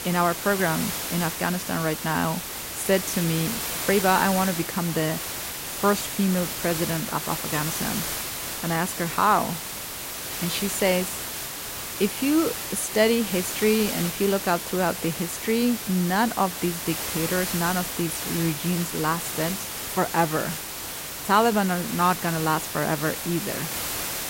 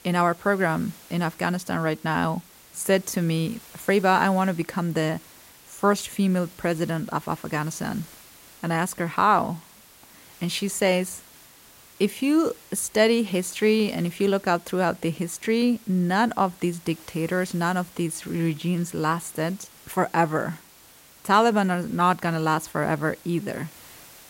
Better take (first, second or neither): second